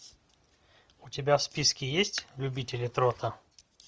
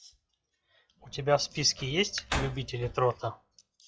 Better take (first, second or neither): first